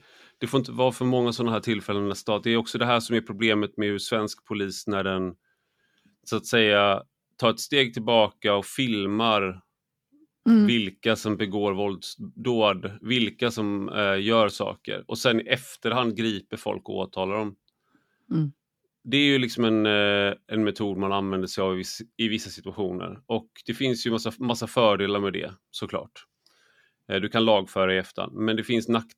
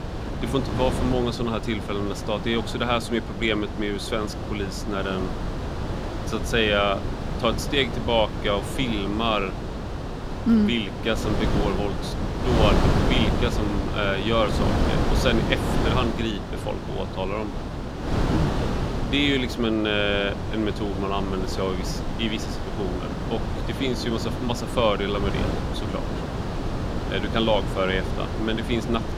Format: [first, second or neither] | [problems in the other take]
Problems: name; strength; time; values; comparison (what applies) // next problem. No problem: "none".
first | wind noise on the microphone; heavy; 5 dB below the speech